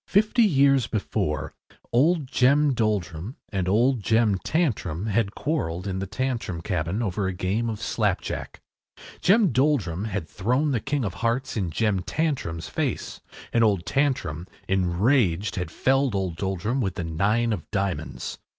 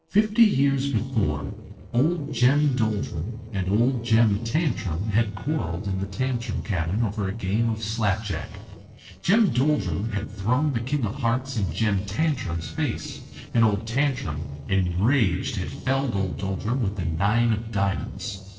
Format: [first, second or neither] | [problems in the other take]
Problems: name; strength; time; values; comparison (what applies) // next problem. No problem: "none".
first | noise reduction (neural separator model SepFormer DNS4)